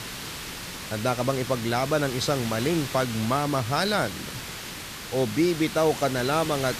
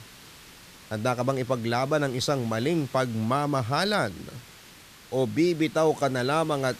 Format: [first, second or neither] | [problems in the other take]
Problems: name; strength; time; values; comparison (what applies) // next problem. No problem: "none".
second | hiss; loud; throughout; 9 dB below the speech; faint in the second